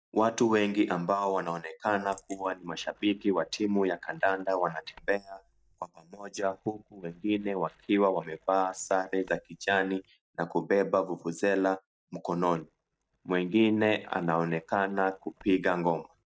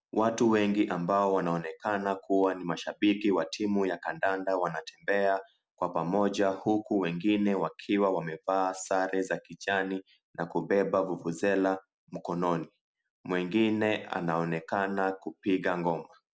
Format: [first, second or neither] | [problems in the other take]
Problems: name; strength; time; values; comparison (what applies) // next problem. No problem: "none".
second | noise reduction (neural mask model DeepFilterNet 3)